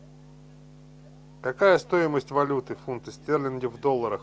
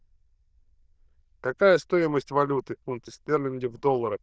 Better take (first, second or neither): first